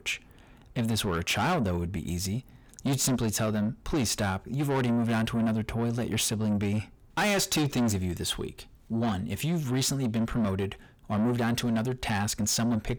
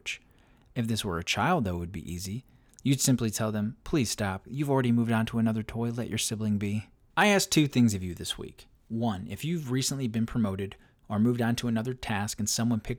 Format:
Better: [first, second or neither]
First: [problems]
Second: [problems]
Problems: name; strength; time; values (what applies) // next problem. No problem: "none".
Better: second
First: distortion; heavy; 7 dB below the speech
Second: none